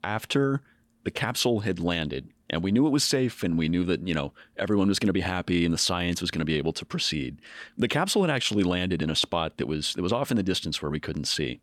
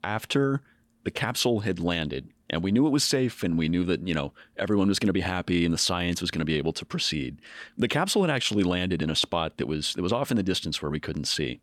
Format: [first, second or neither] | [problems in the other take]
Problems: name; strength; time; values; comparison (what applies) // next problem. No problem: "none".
neither | none